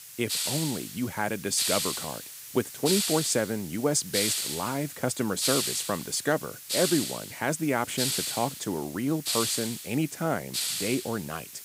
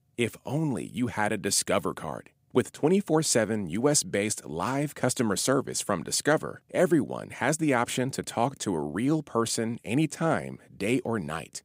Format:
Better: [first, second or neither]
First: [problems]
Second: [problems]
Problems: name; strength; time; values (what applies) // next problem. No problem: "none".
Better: second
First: hiss; loud; throughout; 1 dB below the speech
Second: none